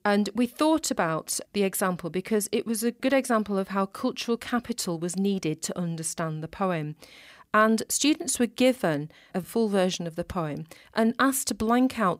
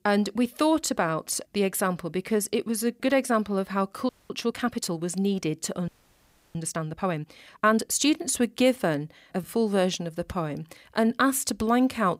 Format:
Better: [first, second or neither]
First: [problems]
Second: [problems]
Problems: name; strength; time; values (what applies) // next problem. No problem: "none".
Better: first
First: none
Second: audio freezing; at 4 s and at 6 s for 0.5 s